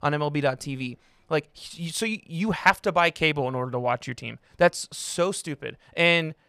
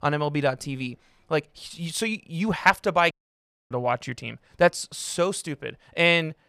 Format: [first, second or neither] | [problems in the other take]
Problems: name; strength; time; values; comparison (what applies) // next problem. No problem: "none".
first | audio cutting out; at 3 s for 0.5 s